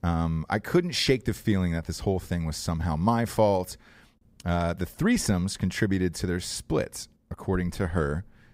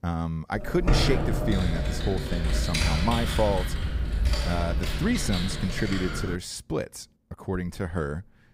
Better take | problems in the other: first | keyboard typing; loud; from 0.5 to 6.5 s; peak 5 dB above the speech

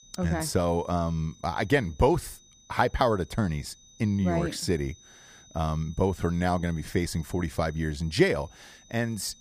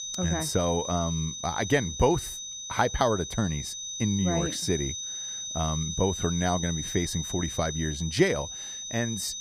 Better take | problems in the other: first | high-pitched whine; loud; throughout; 6 kHz, 5 dB below the speech; faint in the first

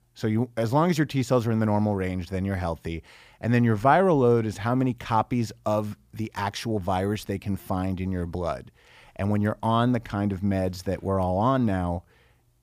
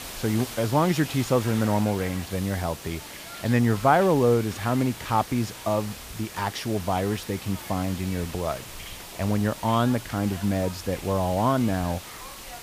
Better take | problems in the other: first | hiss; noticeable; throughout; 10 dB below the speech

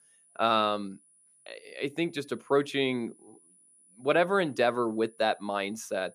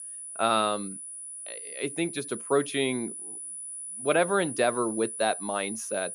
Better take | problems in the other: first | high-pitched whine; loud; throughout; 10 kHz, 8 dB below the speech; faint in the first

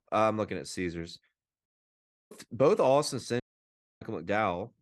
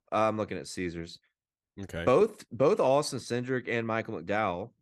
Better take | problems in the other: second | audio cutting out; at 1.5 s for 0.5 s and at 3.5 s for 0.5 s

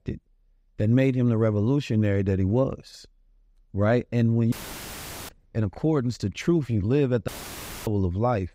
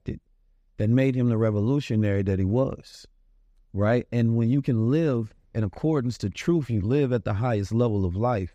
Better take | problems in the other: second | audio cutting out; filled with static; at 4.5 s for 1 s and at 7.5 s for 0.5 s

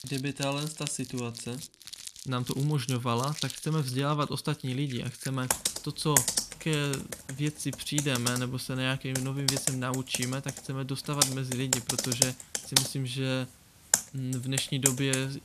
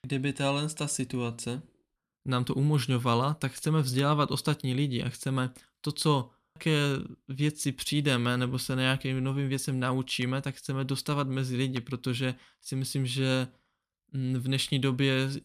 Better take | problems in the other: second | household noises; very loud; throughout; 1 dB above the speech

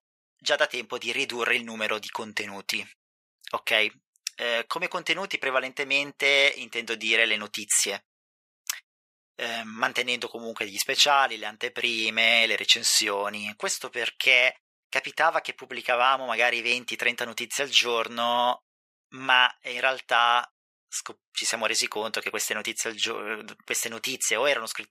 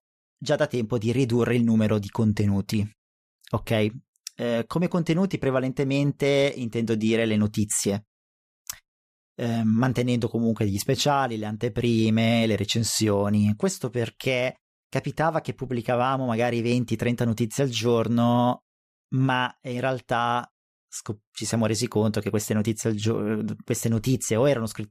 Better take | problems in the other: second | thin; very; fading below 750 Hz

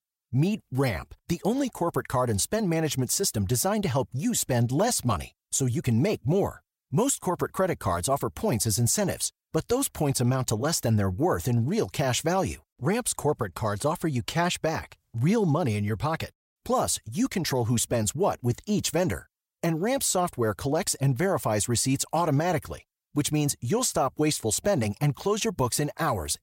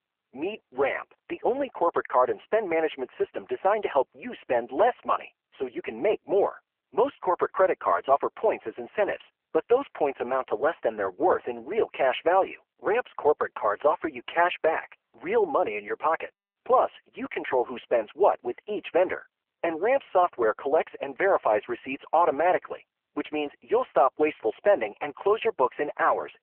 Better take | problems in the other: first | phone-call audio; poor line

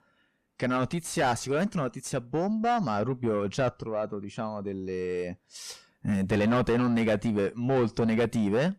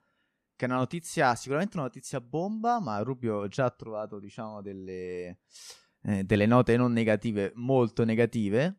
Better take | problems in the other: second | distortion; heavy; 6 dB below the speech

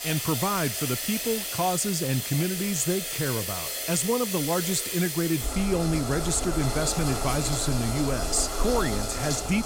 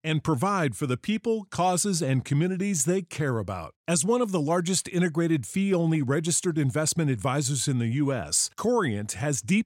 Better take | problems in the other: second | household noises; loud; throughout; 2 dB below the speech

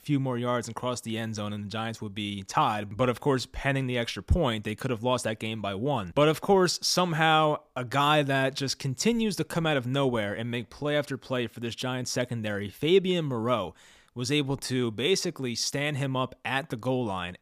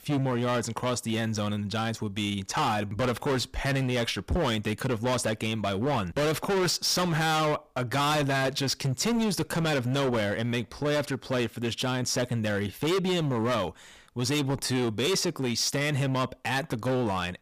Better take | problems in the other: first | distortion; heavy; 22% of the sound clipped

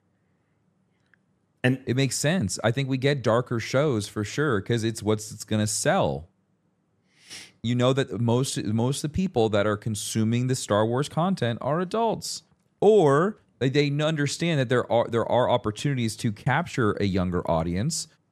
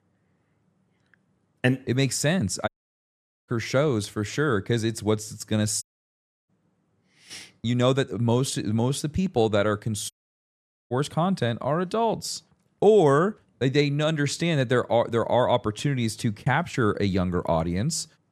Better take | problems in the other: first | audio cutting out; at 2.5 s for 1 s, at 6 s for 0.5 s and at 10 s for 1 s

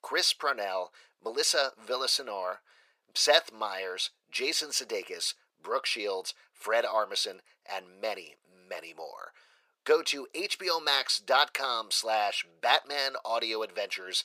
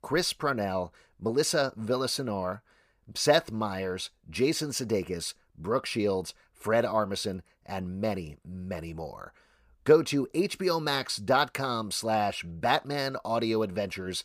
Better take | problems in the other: second | thin; very; fading below 500 Hz

